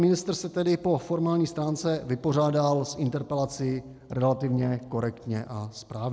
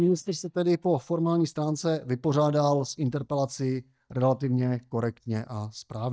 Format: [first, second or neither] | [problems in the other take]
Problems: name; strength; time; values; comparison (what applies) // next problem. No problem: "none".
first | noise reduction (neural mask model DeepFilterNet 3)